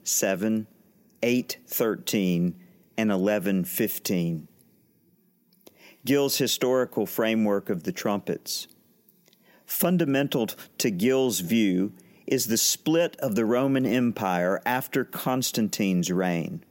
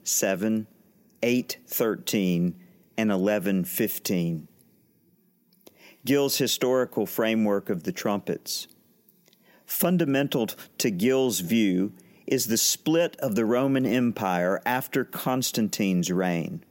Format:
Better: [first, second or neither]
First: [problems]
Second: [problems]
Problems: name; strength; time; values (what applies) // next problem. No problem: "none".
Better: neither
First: none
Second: none